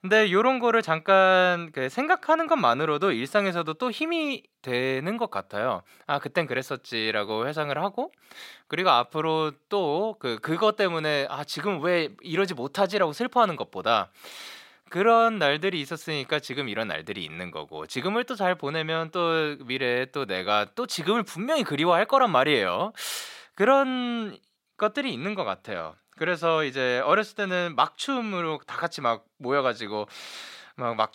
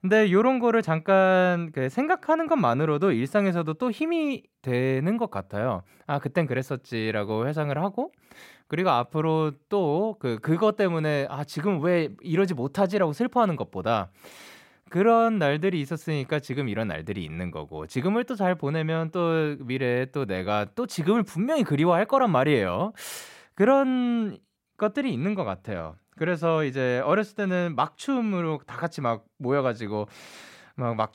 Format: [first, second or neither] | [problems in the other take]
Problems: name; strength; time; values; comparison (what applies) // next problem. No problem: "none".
second | thin; very slightly; fading below 1 kHz